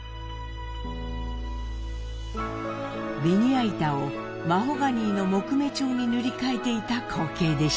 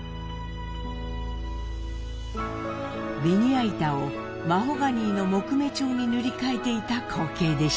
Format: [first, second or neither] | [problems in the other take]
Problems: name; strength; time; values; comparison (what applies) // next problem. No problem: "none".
first | background sound (Guitar); 19 dB below the speech